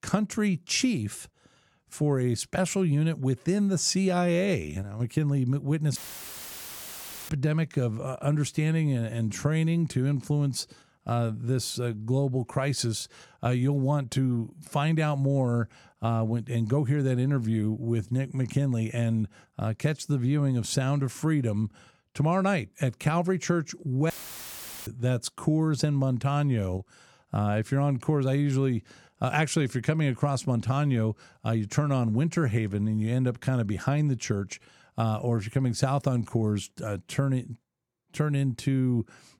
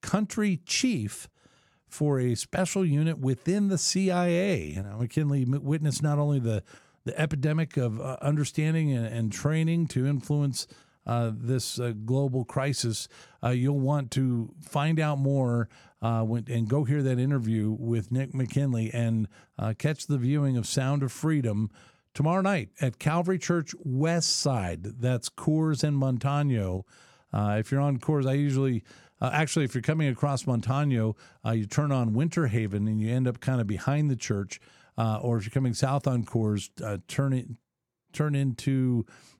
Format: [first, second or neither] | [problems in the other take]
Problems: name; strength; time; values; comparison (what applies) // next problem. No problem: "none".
second | audio cutting out; filled with static; at 6 s for 1.5 s and at 24 s for 1 s